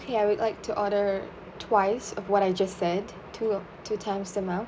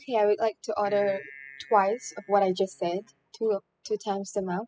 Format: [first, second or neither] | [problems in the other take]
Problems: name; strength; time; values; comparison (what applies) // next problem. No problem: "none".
first | noise reduction (classical method spectral subtraction)